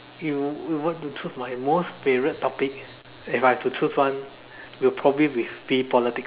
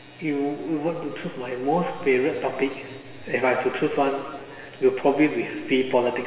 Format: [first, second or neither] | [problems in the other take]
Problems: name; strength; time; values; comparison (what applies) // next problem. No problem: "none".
first | room echo; dies away in 2.8 s